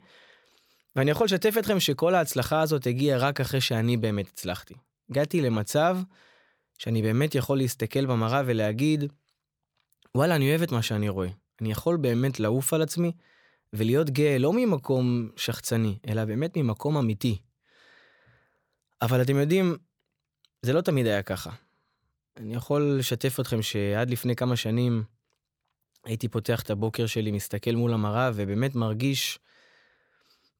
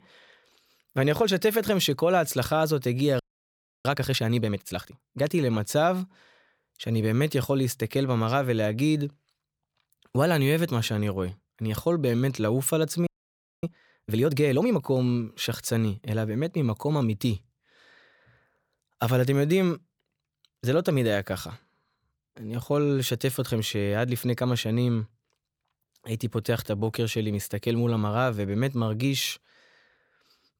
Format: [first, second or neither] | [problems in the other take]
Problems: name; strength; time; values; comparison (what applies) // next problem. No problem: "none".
first | audio freezing; at 3 s for 0.5 s and at 13 s for 0.5 s